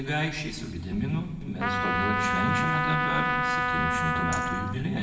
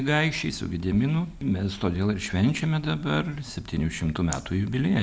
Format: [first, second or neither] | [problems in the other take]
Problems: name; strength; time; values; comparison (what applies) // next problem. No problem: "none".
second | background sound (Trumpet); 2 dB above the speech // room echo; dies away in 1 s